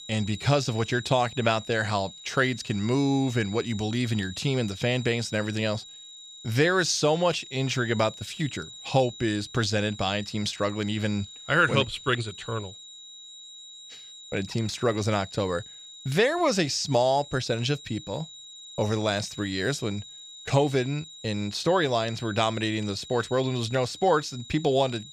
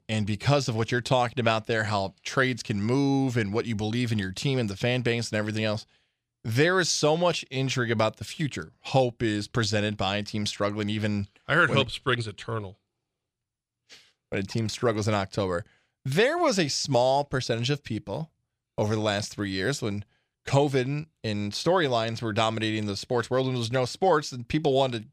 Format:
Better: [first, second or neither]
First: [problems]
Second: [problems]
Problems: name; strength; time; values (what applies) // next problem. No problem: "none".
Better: second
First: high-pitched whine; noticeable; throughout; 4 kHz, 15 dB below the speech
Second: none